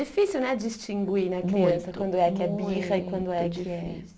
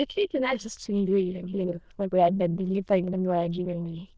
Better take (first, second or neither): first